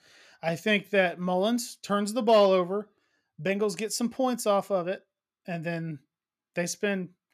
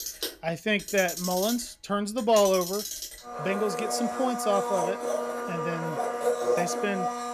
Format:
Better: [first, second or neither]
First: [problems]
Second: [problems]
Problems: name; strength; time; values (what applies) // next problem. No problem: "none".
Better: first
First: none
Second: household noises; loud; throughout; 3 dB below the speech